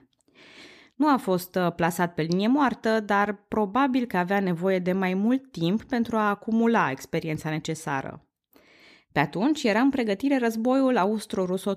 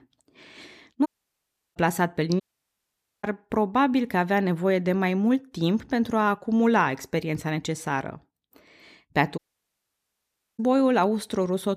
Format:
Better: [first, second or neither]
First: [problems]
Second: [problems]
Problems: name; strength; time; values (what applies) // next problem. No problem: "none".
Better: first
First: none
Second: audio cutting out; at 1 s for 0.5 s, at 2.5 s for 1 s and at 9.5 s for 1 s